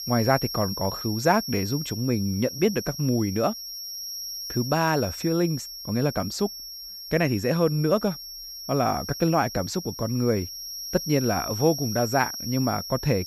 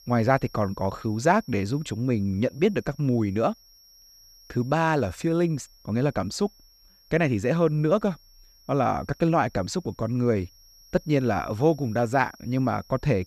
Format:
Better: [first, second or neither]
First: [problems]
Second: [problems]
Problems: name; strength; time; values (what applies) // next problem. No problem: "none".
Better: second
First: high-pitched whine; loud; throughout; 5.5 kHz, 8 dB below the speech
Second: high-pitched whine; faint; throughout; 5.5 kHz, 25 dB below the speech